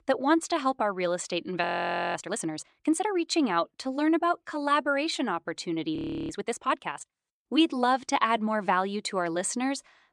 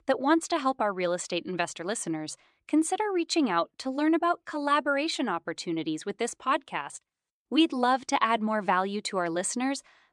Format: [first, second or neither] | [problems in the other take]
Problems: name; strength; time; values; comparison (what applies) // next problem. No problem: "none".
second | audio freezing; at 1.5 s for 0.5 s and at 6 s